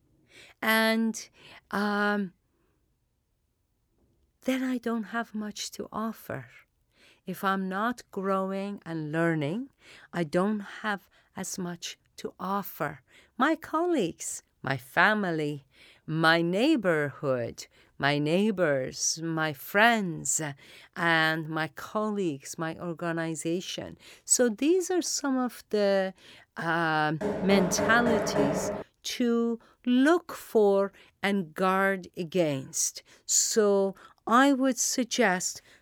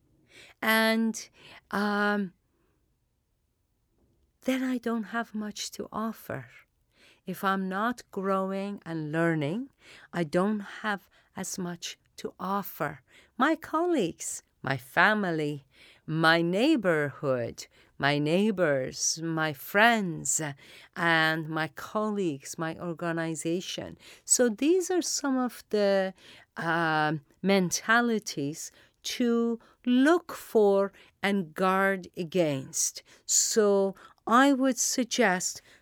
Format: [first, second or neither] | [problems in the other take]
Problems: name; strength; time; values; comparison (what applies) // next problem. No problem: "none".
second | door banging; loud; from 27 to 29 s; peak level with the speech